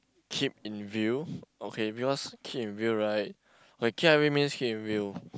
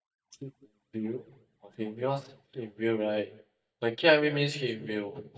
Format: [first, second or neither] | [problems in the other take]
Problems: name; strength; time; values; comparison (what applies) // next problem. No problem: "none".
first | noise reduction (neural mask model DeepFilterNet 3)